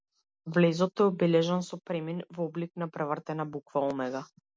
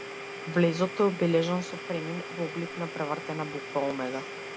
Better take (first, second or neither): first